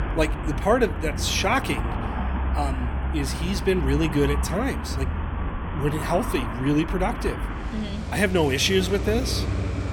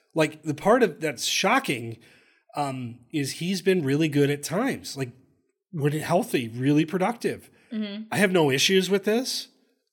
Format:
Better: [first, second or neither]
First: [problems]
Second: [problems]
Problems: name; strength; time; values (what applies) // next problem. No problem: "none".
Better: second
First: traffic noise; loud; throughout; 4 dB below the speech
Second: none